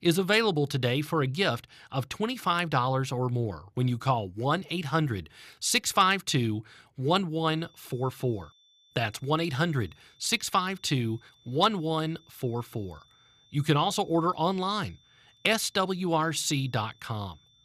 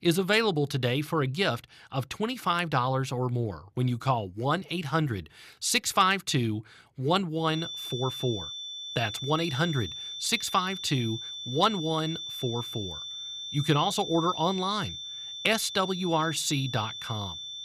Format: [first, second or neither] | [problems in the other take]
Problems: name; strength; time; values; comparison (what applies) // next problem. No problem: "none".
first | high-pitched whine; loud; from 7.5 s on; 3.5 kHz, 7 dB below the speech; faint in the first